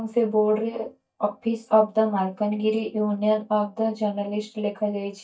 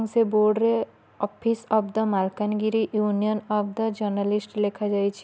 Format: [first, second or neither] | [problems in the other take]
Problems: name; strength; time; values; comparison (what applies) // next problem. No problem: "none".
second | noise reduction (neural mask model DeepFilterNet 3)